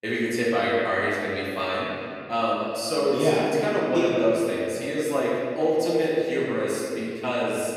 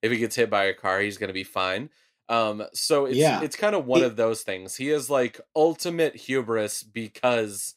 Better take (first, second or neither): second